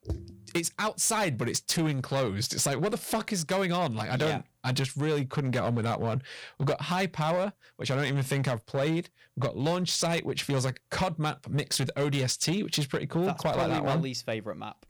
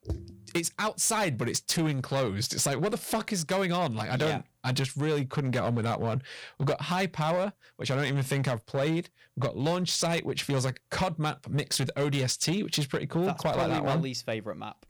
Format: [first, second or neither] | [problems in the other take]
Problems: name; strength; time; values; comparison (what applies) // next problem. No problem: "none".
neither | distortion; slight; 9% of the sound clipped; the same in both